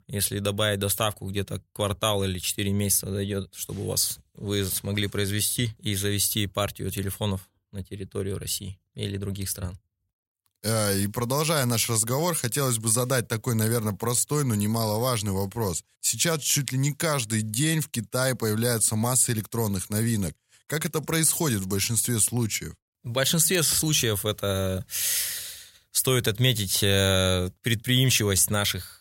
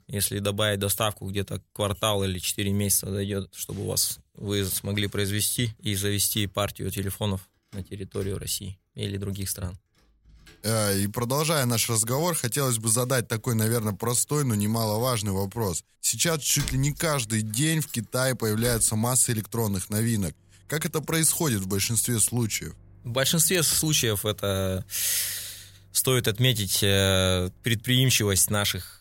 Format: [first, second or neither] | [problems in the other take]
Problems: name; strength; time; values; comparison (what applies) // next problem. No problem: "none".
first | household noises; faint; throughout; 25 dB below the speech